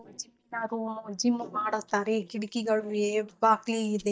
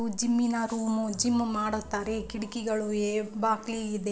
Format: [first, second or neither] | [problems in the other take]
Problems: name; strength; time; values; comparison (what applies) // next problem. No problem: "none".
second | noise reduction (neural mask model DeepFilterNet 3)